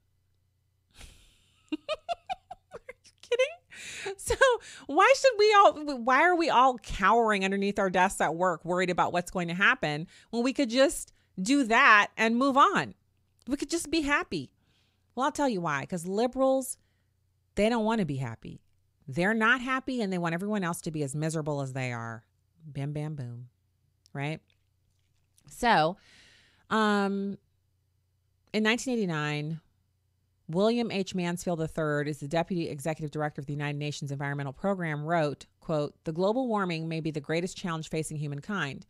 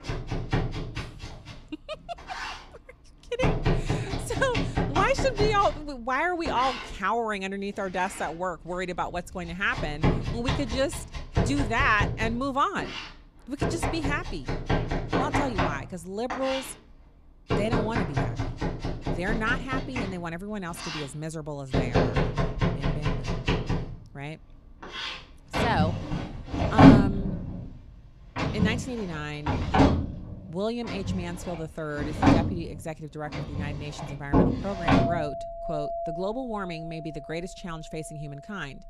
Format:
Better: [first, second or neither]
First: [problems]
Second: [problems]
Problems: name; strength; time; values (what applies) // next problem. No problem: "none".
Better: first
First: none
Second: household noises; very loud; throughout; 3 dB above the speech